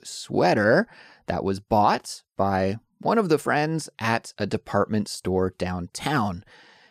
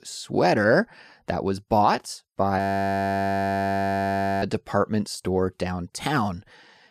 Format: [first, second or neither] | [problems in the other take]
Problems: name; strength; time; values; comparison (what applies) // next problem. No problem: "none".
first | audio freezing; at 2.5 s for 2 s